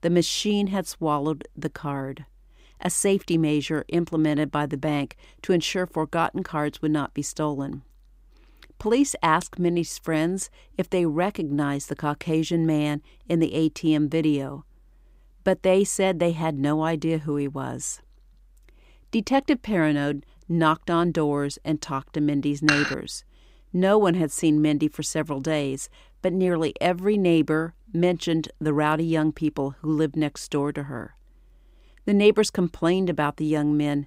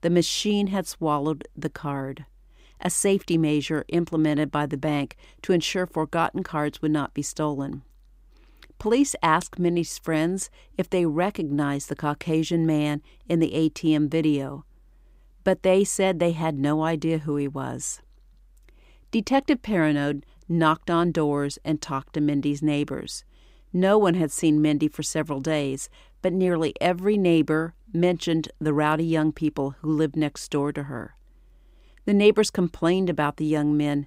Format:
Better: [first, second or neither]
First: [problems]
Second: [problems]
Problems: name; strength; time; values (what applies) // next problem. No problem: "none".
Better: second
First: clattering dishes; loud; at 23 s; peak 2 dB above the speech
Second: none